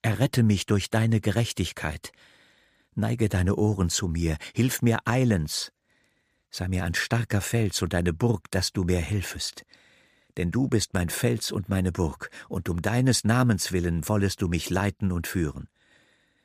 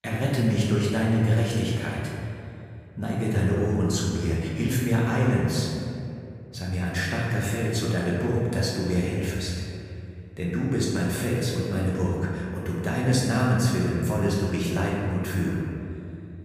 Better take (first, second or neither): first